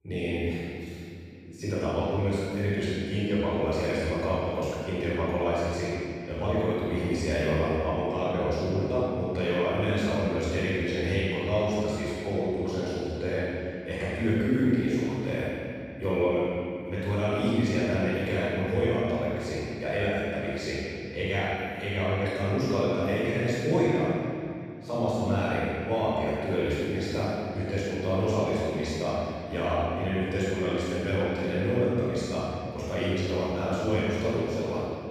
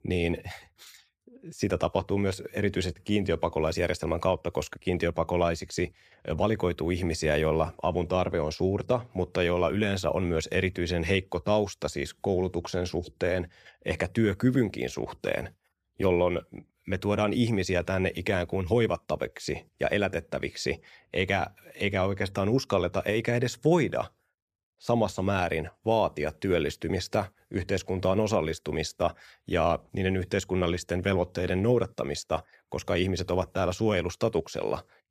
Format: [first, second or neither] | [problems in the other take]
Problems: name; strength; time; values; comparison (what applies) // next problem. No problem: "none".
second | off-mic speech; far // room echo; strong; dies away in 2.5 s